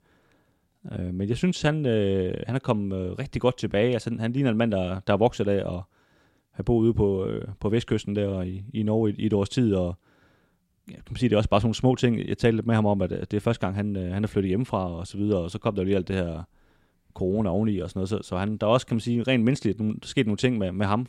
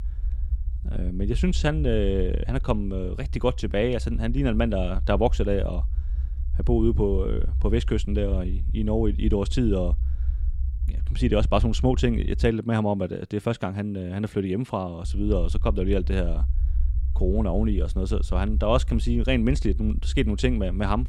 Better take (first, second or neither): first